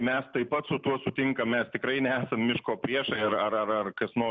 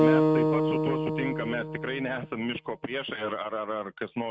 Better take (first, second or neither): first